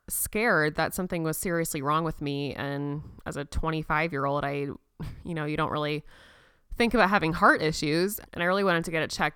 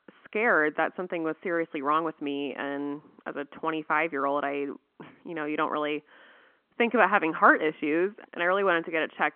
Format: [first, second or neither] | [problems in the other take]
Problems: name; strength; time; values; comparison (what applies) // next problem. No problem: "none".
first | phone-call audio